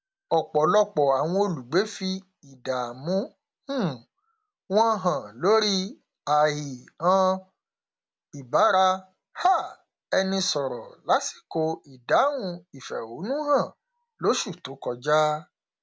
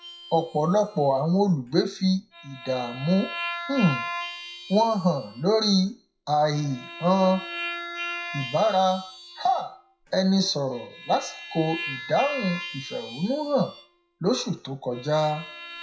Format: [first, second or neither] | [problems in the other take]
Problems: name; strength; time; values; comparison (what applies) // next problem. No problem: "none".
first | noise reduction (classical method WPE with log-MMSE)